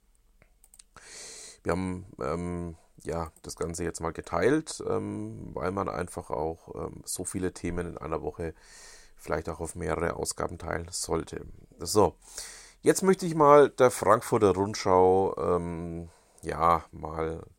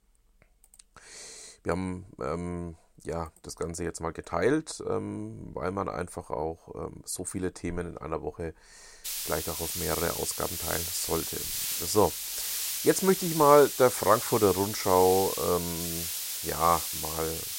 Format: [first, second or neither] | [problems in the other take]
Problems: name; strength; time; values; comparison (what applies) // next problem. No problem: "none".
first | hiss; loud; from 9 s on; 3 dB below the speech